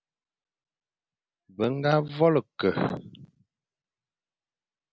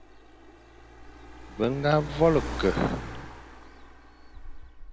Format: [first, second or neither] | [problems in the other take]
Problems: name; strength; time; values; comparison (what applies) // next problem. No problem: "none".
first | background sound (Car); 9 dB below the speech